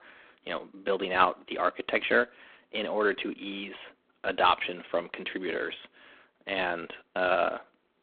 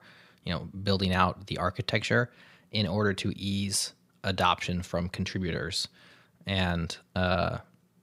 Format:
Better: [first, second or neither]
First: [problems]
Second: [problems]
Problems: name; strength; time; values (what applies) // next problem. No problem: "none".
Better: second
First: phone-call audio; poor line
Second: none